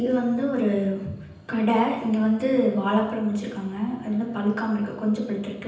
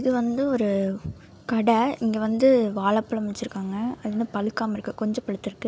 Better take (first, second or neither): second